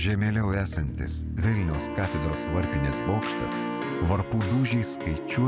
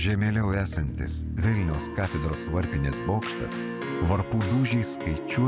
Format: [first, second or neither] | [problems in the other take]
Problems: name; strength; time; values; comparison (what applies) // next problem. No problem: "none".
second | background sound (Wind instrument, woodwind instrument); 9 dB below the speech